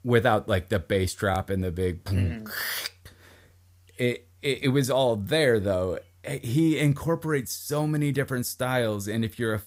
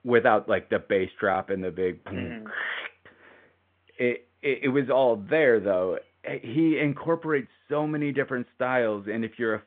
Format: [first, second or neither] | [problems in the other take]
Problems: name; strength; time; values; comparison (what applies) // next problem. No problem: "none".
first | phone-call audio; nothing above 3.5 kHz